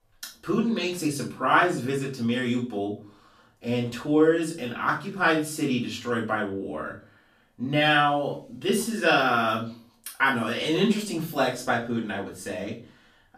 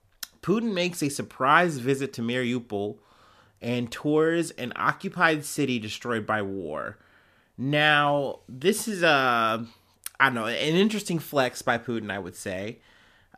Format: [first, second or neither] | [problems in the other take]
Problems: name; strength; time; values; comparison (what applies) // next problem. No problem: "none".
second | room echo; slight; dies away in 0.3 s // off-mic speech; far